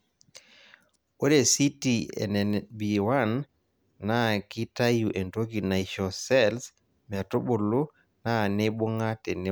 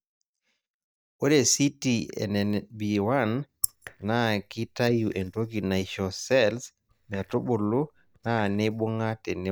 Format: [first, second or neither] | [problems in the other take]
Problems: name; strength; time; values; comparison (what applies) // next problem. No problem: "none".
first | noise reduction (neural mask model DeepFilterNet 3)